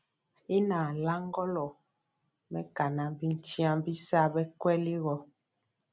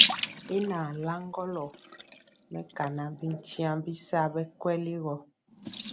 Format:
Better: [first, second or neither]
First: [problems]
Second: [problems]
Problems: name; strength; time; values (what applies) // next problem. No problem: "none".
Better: first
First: none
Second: background sound (Sink (filling or washing) / Water tap, faucet); 1 dB below the speech